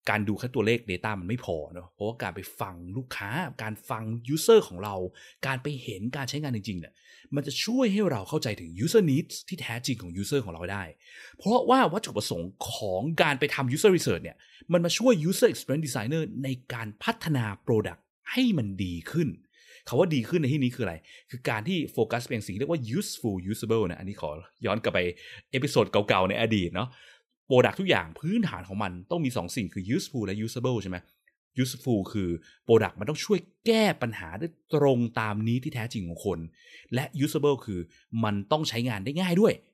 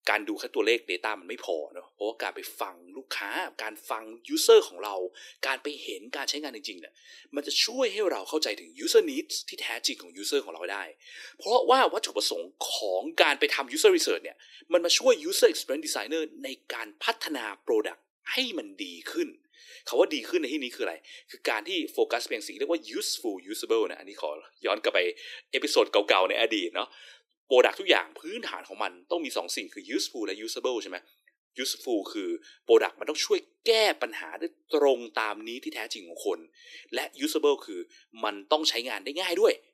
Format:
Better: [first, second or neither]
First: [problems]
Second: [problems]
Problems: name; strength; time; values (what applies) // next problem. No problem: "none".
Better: first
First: none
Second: thin; very; fading below 300 Hz